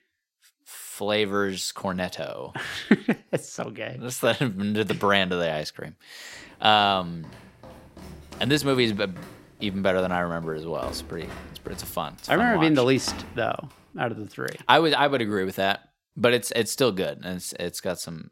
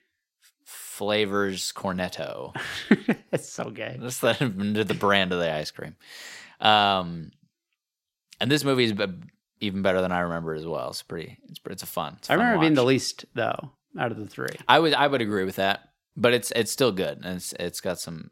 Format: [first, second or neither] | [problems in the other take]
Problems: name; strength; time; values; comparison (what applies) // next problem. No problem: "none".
second | footsteps; faint; from 6.5 to 13 s; peak 10 dB below the speech